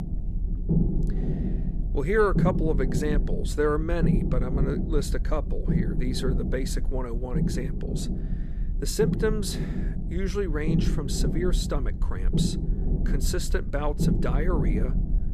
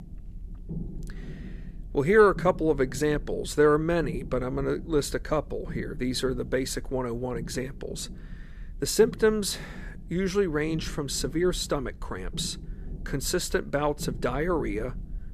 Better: second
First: low rumble; loud; throughout; 6 dB below the speech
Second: low rumble; faint; throughout; 20 dB below the speech

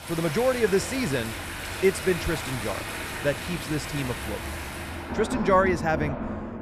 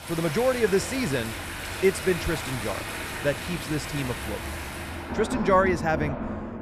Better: neither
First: rain or running water; loud; throughout; 6 dB below the speech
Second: rain or running water; loud; throughout; 6 dB below the speech

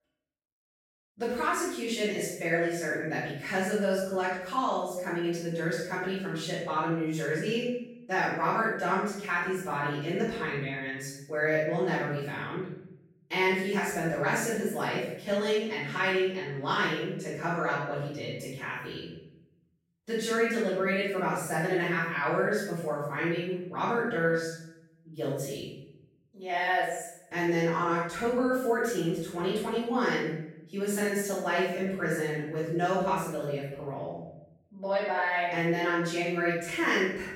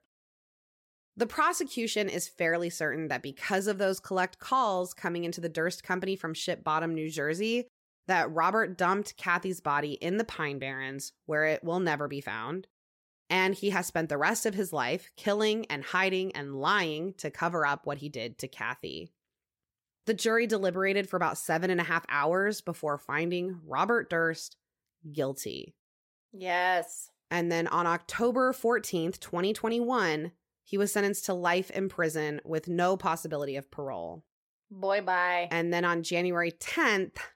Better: second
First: room echo; strong; dies away in 0.8 s // off-mic speech; far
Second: none

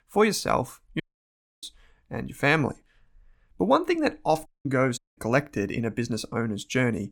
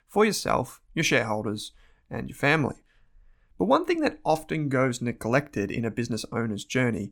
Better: second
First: audio cutting out; at 1 s for 0.5 s, at 4.5 s and at 5 s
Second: none

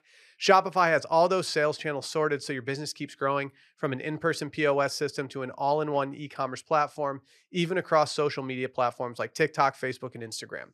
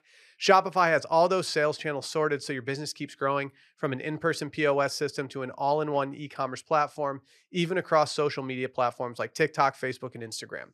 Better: neither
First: none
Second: none

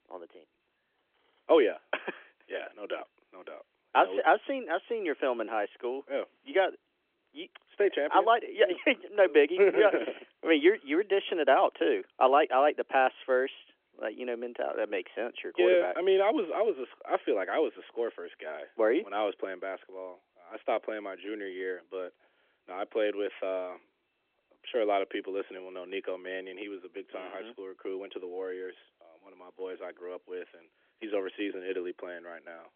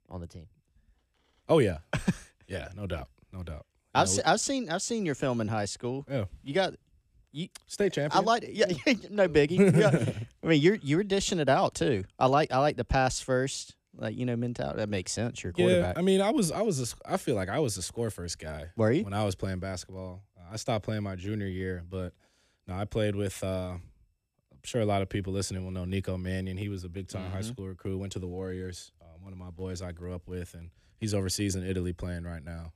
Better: second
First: phone-call audio; nothing above 3.5 kHz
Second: none

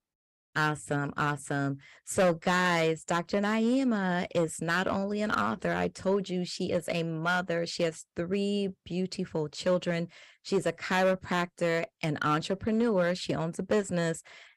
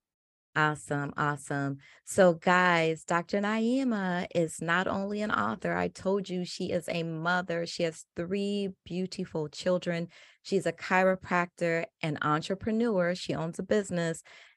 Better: second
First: distortion; slight; 3% of the sound clipped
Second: none

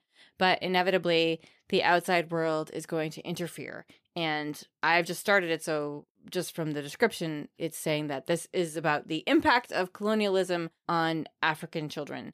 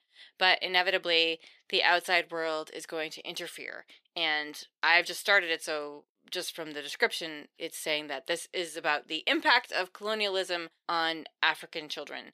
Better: first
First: none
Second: thin; somewhat; fading below 400 Hz

